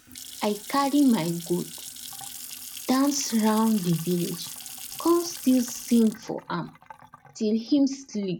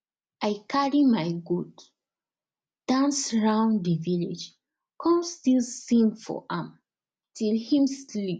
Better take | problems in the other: second | background sound (Sink (filling or washing) / Water tap, faucet / Splash, splatter); 14 dB below the speech

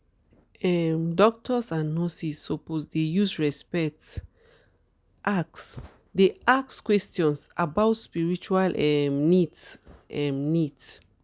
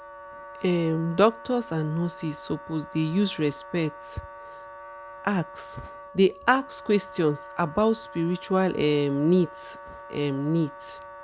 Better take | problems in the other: first | background sound (Wind instrument, woodwind instrument); 16 dB below the speech

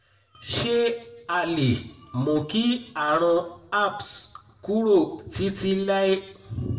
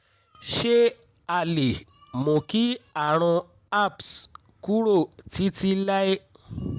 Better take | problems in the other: second | room echo; dies away in 0.6 s

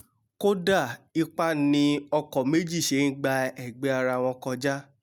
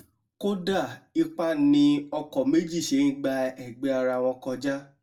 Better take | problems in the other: first | room echo; dies away in 0.2 s

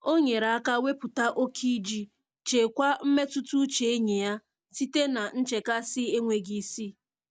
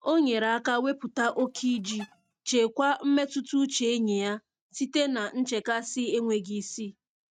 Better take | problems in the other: first | noise reduction (neural mask model RNNoise)

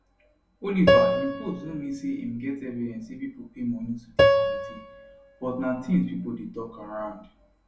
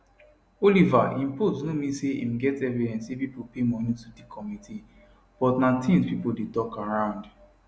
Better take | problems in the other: second | background sound (Piano); 3 dB above the speech // room echo; dies away in 0.2 s

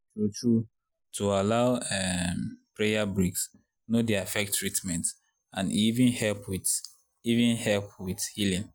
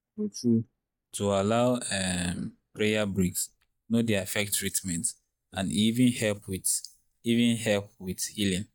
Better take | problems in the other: first | noise reduction (neural mask model DeepFilterNet 3)

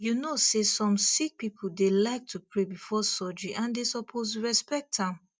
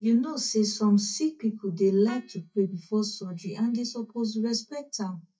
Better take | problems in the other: first | noise reduction (neural mask model DeepFilterNet 3)

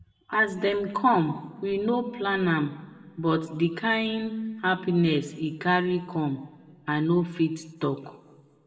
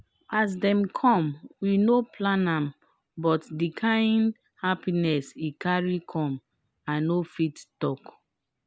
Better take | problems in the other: second | room echo; dies away in 1.1 s

